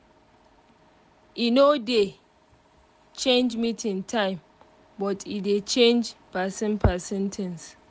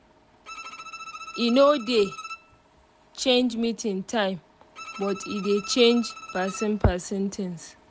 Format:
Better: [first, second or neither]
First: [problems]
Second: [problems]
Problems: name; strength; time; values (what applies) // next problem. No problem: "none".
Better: first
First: none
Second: background sound (Bowed string instrument); 15 dB below the speech